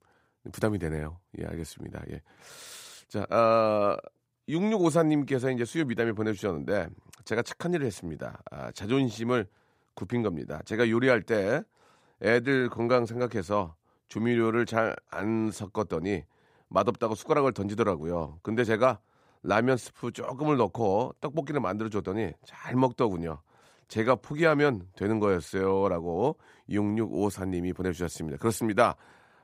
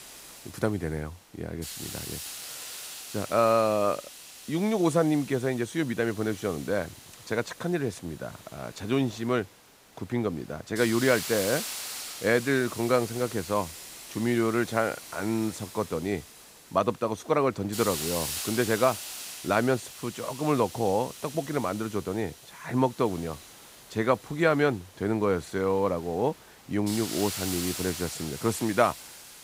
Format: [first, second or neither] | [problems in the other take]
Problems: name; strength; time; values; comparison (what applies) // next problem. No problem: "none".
first | hiss; loud; throughout; 10 dB below the speech